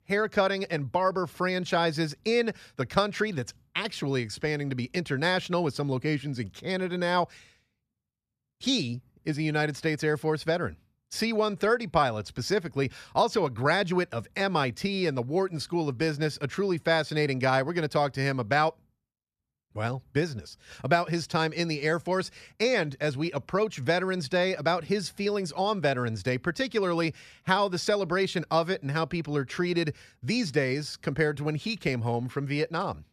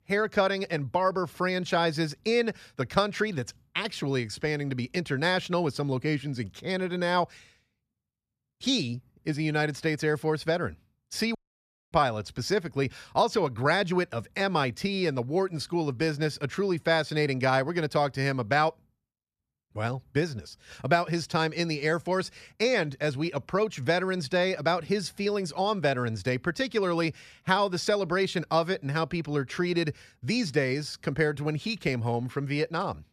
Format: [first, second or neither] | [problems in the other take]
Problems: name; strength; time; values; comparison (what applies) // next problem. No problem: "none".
first | audio cutting out; at 11 s for 0.5 s